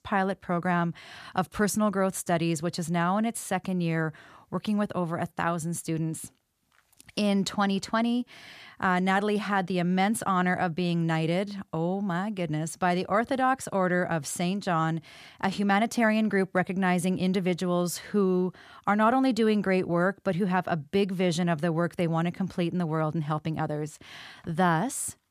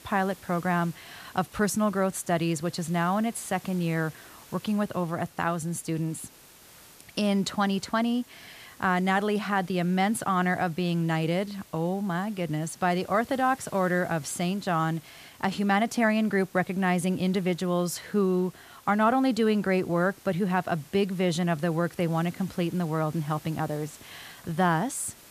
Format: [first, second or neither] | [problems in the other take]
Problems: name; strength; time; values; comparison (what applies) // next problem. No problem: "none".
first | hiss; faint; throughout; 25 dB below the speech